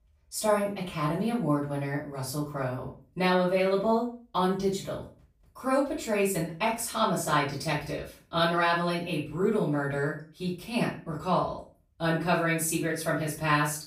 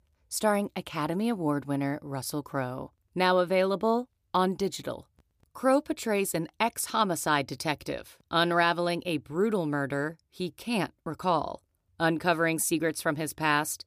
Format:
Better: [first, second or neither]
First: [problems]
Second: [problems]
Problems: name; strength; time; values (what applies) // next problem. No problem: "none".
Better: second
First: off-mic speech; far // room echo; noticeable; dies away in 0.3 s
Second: none